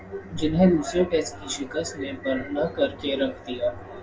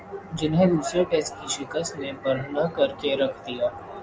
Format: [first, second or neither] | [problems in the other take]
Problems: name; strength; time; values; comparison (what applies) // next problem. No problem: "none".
second | room echo; dies away in 0.1 s